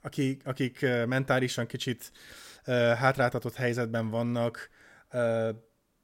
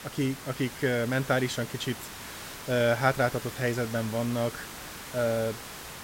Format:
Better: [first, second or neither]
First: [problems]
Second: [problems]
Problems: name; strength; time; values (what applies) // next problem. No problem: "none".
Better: first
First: none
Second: hiss; noticeable; throughout; 10 dB below the speech